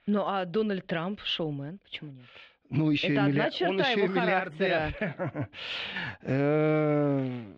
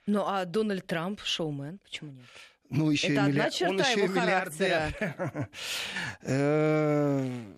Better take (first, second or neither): second